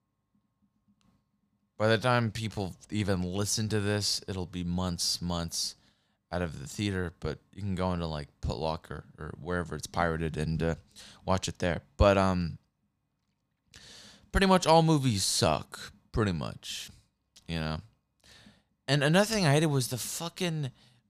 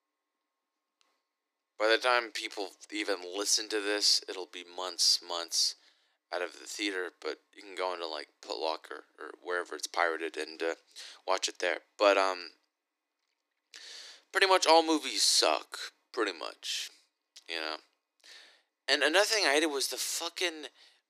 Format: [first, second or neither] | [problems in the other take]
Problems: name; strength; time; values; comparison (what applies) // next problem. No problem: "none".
first | thin; very; fading below 300 Hz